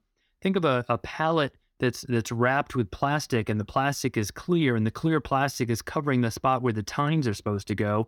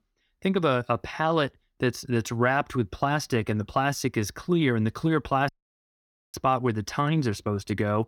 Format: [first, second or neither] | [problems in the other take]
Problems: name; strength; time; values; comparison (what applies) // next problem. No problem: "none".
first | audio cutting out; at 5.5 s for 1 s